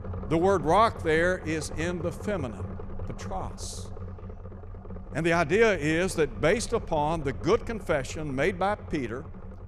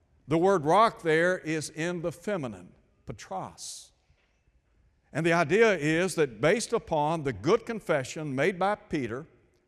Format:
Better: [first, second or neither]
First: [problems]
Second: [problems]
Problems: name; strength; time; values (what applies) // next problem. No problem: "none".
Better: second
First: low rumble; noticeable; throughout; 20 dB below the speech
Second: none